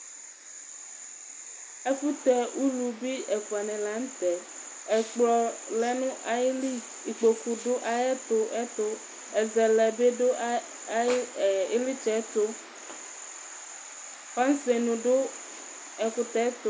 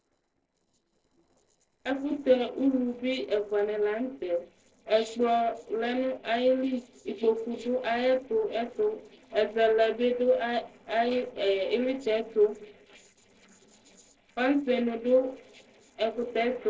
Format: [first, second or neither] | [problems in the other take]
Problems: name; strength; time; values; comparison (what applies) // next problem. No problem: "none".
first | noise reduction (neural separator model SepFormer DNS4)